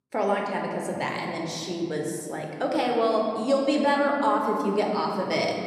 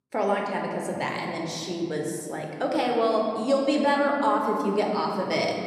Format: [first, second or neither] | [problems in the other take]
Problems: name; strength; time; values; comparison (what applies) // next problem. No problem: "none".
neither | room echo; noticeable; dies away in 2.3 s; the same in both // off-mic speech; somewhat distant; the same in both